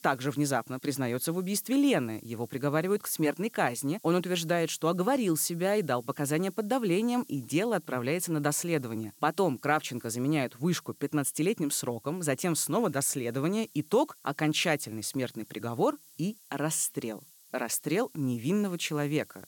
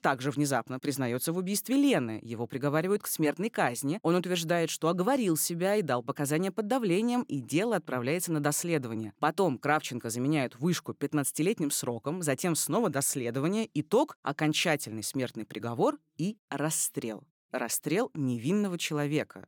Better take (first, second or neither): second